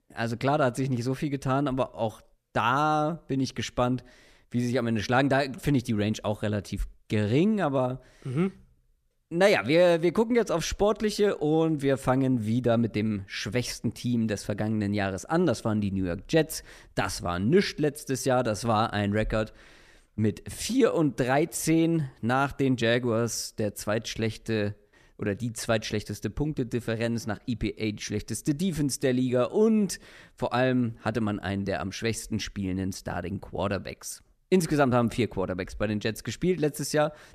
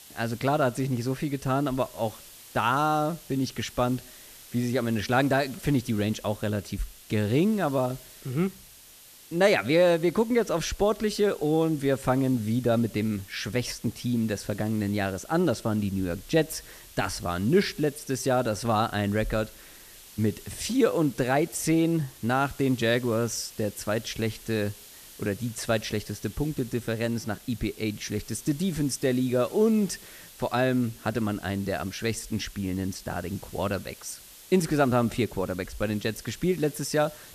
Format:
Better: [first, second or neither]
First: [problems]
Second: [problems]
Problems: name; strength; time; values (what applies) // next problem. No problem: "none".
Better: first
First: none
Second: hiss; noticeable; throughout; 20 dB below the speech